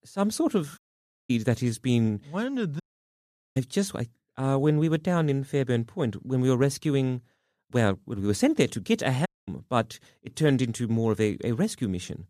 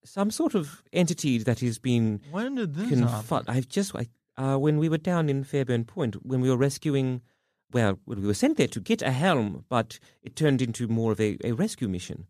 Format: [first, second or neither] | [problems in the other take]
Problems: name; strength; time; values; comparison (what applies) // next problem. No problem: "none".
second | audio cutting out; at 1 s for 0.5 s, at 3 s for 1 s and at 9.5 s